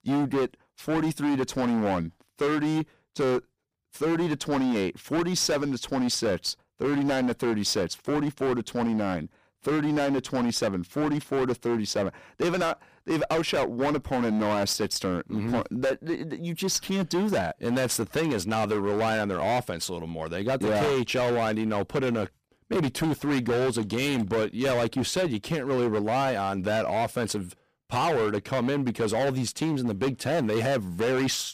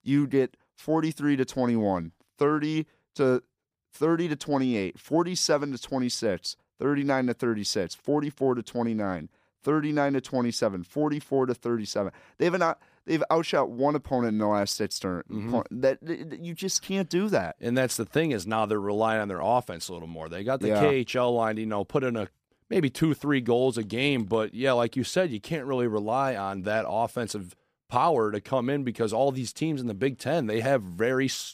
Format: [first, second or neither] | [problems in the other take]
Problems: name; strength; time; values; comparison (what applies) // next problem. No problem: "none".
second | distortion; heavy; 21% of the sound clipped